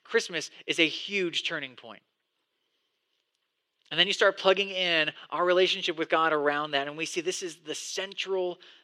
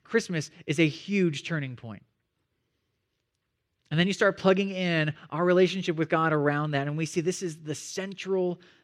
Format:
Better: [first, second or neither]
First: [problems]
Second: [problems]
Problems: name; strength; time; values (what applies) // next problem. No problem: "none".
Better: second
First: thin; very; fading below 450 Hz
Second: none